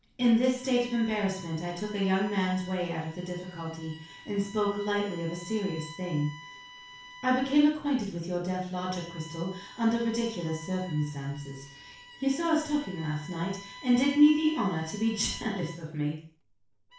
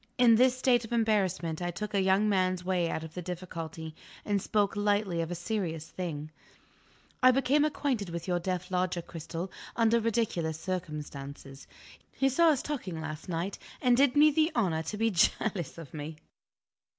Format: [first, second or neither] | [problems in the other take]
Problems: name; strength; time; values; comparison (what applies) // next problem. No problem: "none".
second | background sound (Bowed string instrument); 19 dB below the speech // room echo; dies away in 0.4 s